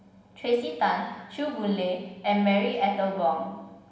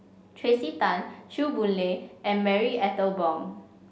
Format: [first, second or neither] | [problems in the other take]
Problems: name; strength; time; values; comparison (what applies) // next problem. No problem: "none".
second | room echo; dies away in 1.2 s